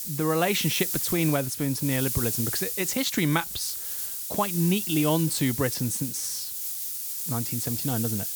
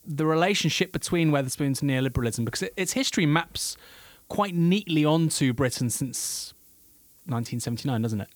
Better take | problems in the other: second | hiss; loud; throughout; 2 dB below the speech; faint in the second

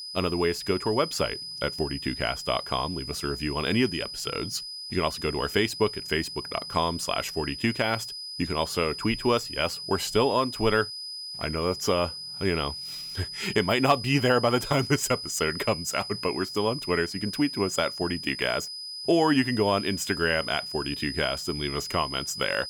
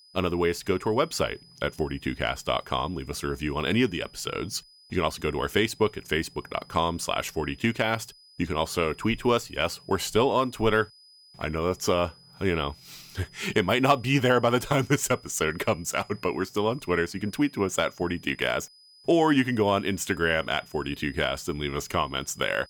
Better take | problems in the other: second | high-pitched whine; loud; throughout; 5 kHz, 7 dB below the speech; faint in the second

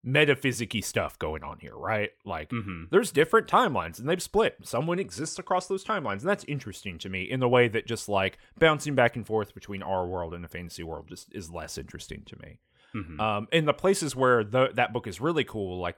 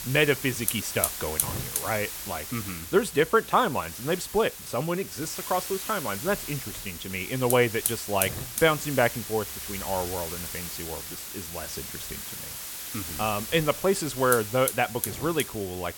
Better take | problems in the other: first | hiss; loud; throughout; 5 dB below the speech

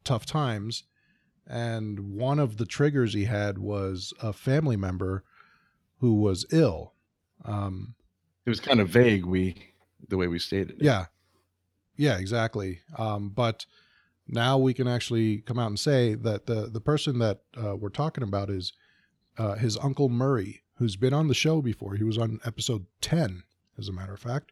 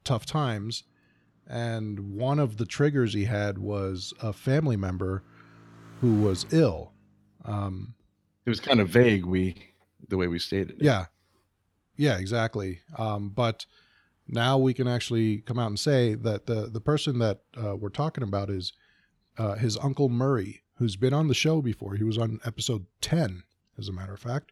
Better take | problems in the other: first | traffic noise; faint; throughout; 25 dB below the speech

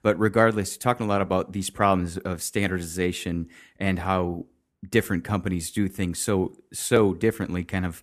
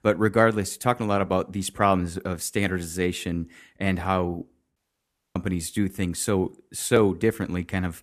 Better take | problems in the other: first | audio cutting out; at 5 s for 0.5 s

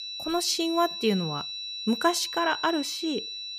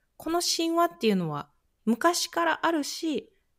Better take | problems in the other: second | high-pitched whine; loud; throughout; 4 kHz, 6 dB below the speech

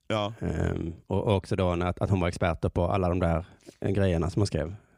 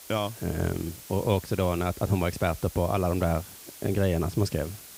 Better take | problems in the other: first | hiss; noticeable; throughout; 15 dB below the speech

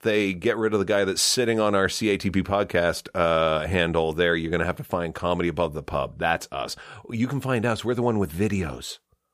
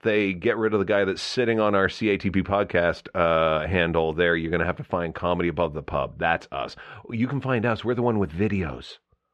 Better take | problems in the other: first | muffled; slightly; fading above 2.5 kHz

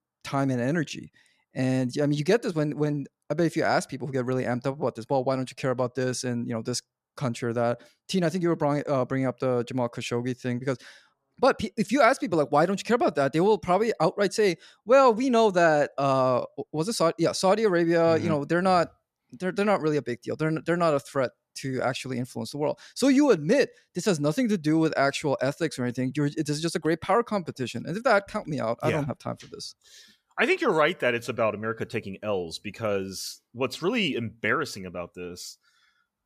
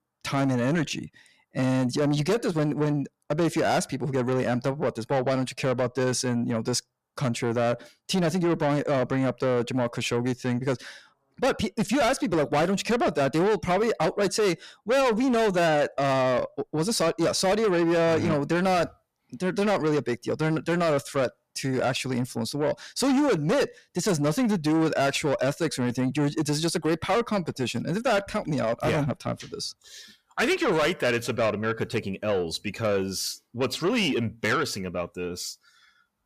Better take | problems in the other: first | distortion; heavy; 8 dB below the speech

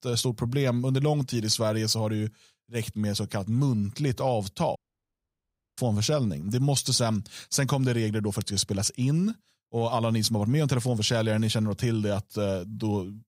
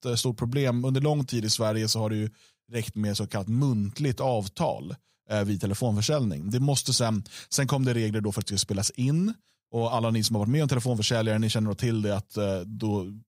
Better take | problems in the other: second | audio cutting out; at 5 s for 1 s

